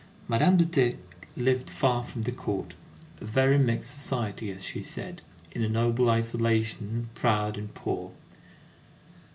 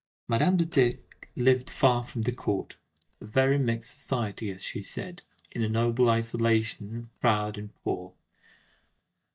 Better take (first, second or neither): first